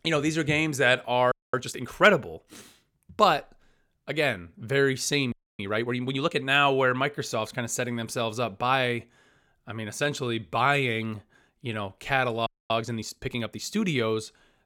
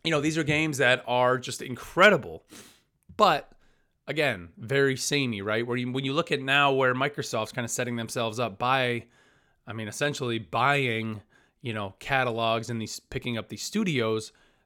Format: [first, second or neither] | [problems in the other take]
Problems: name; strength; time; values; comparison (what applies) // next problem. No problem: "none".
second | audio freezing; at 1.5 s, at 5.5 s and at 12 s